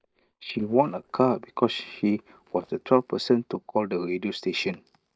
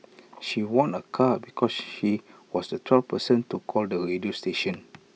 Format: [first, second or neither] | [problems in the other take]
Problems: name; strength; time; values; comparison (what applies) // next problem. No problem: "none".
second | noise reduction (neural mask model DeepFilterNet 3)